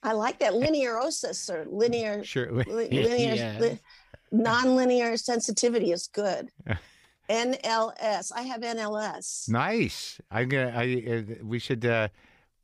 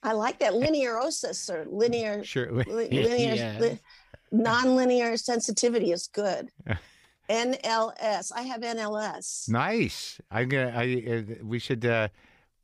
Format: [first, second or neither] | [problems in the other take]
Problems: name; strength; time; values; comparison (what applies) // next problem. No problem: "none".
neither | none